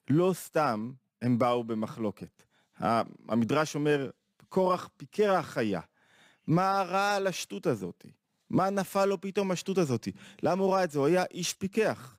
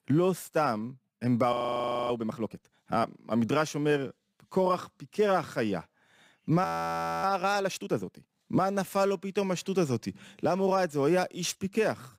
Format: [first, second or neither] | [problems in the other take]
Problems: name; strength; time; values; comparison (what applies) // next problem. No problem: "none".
first | audio freezing; at 1.5 s for 0.5 s and at 6.5 s for 0.5 s